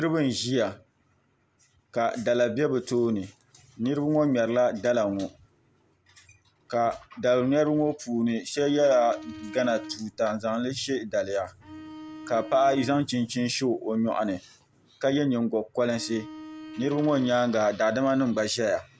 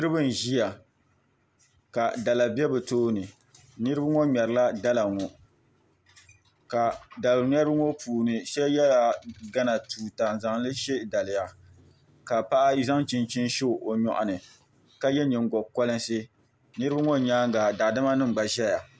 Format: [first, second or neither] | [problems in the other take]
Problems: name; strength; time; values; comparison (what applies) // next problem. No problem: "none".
second | background sound (Bowed string instrument); 16 dB below the speech